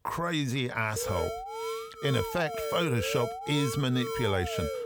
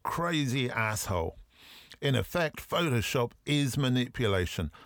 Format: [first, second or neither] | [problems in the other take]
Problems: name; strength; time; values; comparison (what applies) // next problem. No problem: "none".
second | alarm; noticeable; from 1 s on; peak 4 dB below the speech